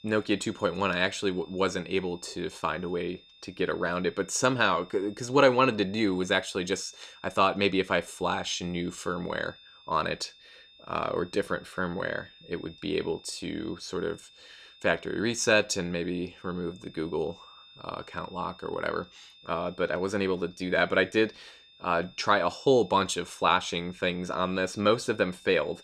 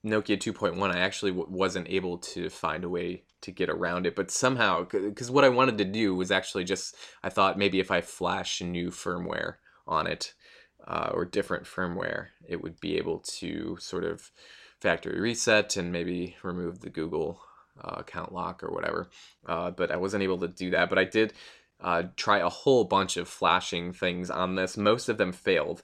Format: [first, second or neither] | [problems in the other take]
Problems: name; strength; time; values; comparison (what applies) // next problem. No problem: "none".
second | high-pitched whine; faint; throughout; 3.5 kHz, 25 dB below the speech